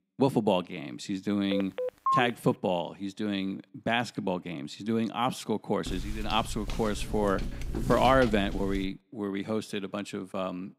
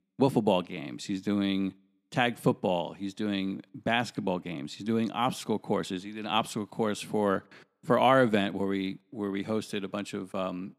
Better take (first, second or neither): second